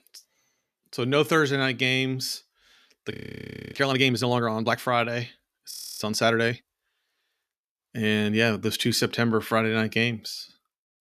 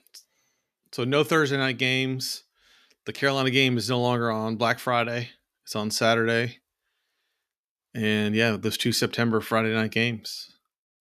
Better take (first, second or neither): second